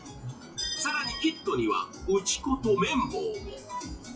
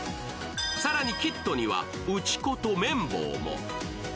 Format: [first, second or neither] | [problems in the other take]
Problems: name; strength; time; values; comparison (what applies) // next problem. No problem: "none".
second | noise reduction (classical method WPE with log-MMSE)